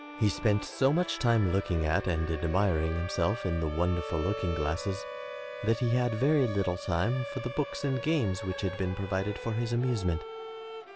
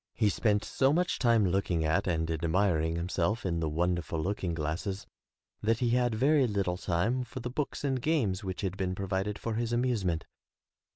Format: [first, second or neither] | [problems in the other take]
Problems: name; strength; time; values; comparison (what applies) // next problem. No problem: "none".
second | background sound (Siren + Bowed string instrument); 10 dB below the speech